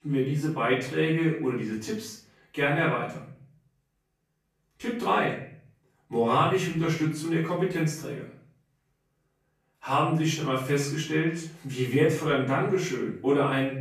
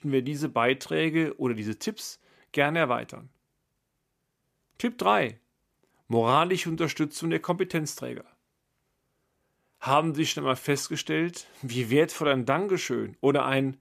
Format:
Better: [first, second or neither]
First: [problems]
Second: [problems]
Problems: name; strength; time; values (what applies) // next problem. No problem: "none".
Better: second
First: off-mic speech; far // room echo; noticeable; dies away in 0.5 s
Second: none